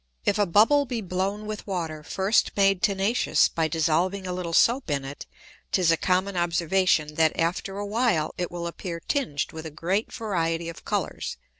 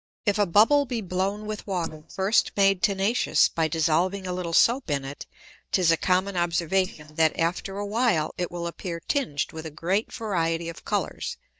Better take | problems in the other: first | noise reduction (neural mask model DeepFilterNet 3)

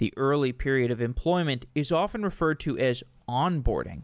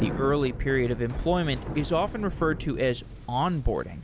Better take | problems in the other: first | background sound (Bicycle); 9 dB below the speech

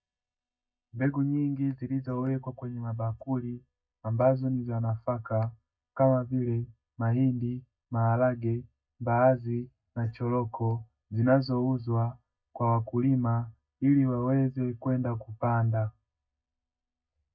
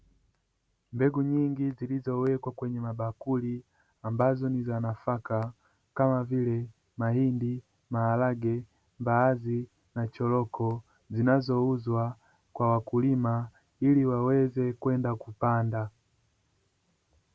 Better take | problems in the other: second | noise reduction (neural mask model DeepFilterNet 3)

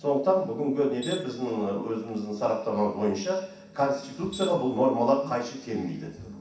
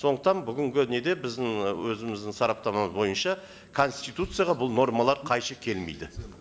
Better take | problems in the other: second | background sound (Tools); 16 dB below the speech // room echo; dies away in 0.7 s

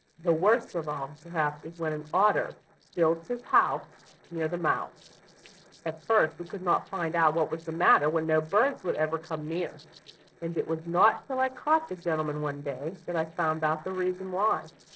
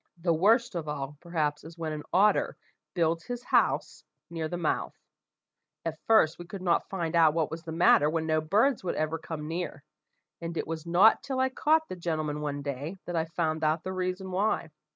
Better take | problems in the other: second | noise reduction (neural separator model SepFormer DNS4)

